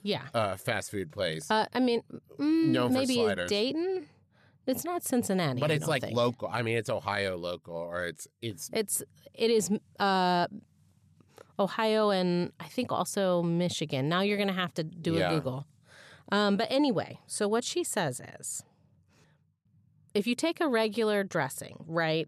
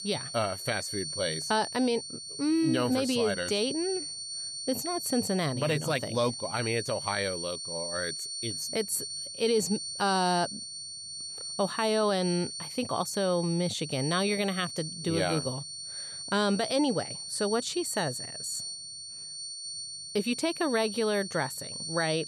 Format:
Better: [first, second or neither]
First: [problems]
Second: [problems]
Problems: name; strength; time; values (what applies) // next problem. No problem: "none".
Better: first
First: none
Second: high-pitched whine; loud; throughout; 4.5 kHz, 6 dB below the speech